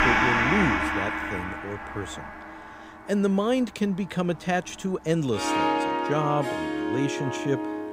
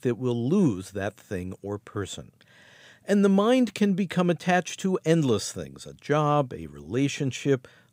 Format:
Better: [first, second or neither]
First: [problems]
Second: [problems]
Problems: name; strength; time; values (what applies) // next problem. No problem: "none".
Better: second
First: background music; very loud; throughout; 1 dB above the speech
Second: none